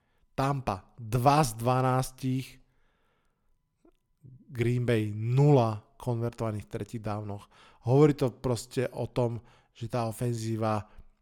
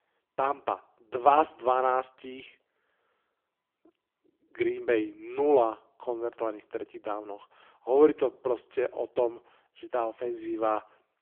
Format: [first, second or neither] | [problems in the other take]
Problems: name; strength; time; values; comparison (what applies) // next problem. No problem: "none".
first | phone-call audio; poor line